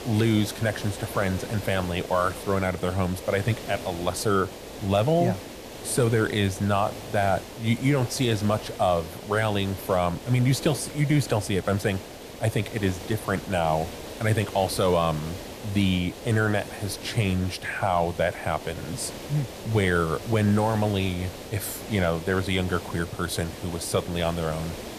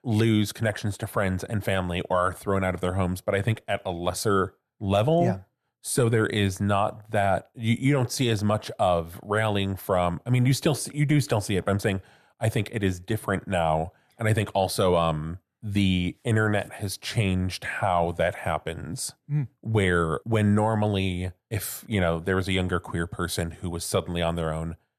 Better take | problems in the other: second | hiss; noticeable; throughout; 10 dB below the speech

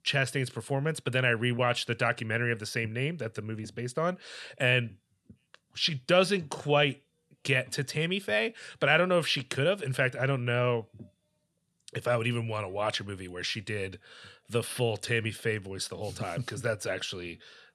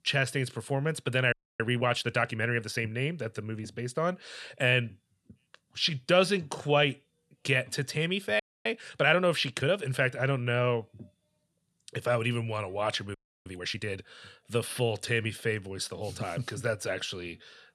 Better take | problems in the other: first | audio freezing; at 1.5 s, at 8.5 s and at 13 s

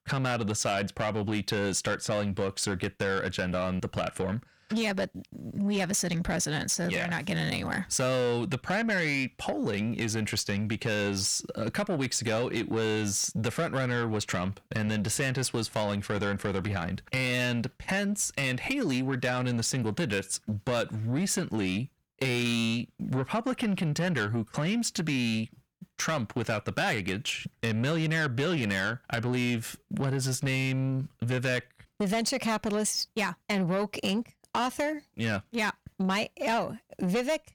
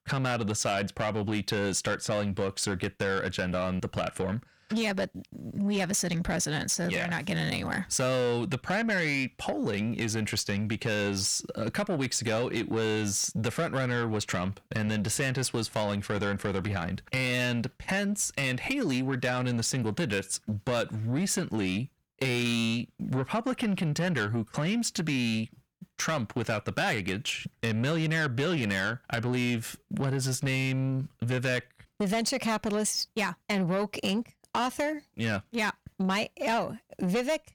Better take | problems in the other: neither | distortion; slight; 10 dB below the speech; the same in both

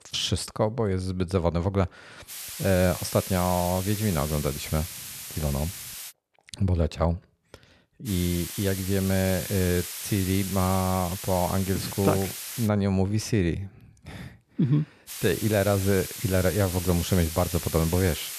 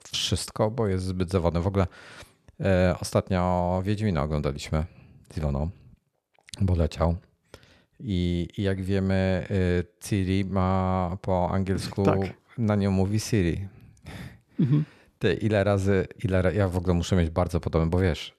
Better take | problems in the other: second | hiss; loud; from 2.5 to 6 s, from 8 to 13 s and from 15 s on; 8 dB below the speech

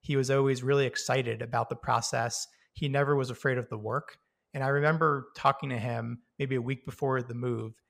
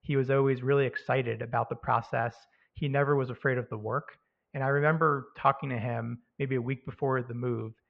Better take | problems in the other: first | muffled; very; fading above 2.5 kHz

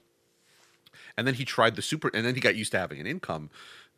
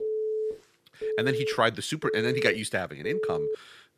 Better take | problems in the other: first | phone ringing; noticeable; peak level with the speech

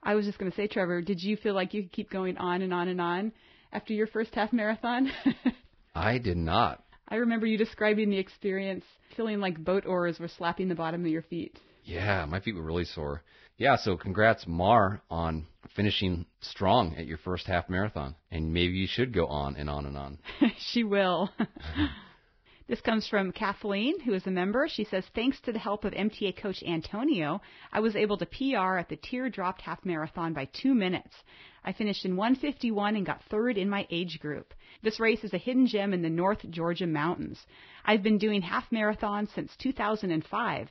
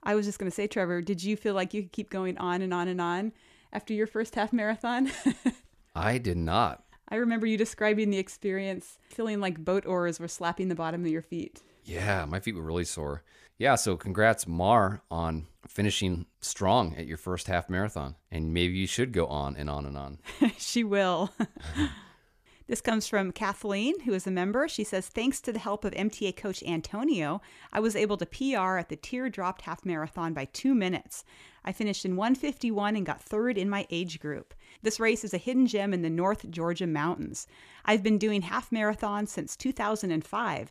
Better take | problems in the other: second | garbled, watery; badly; nothing above 5.5 kHz

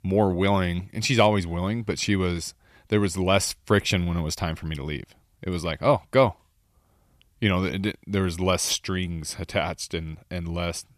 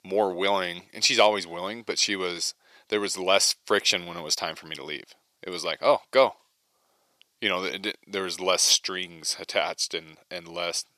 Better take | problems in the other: first | thin; very; fading below 450 Hz

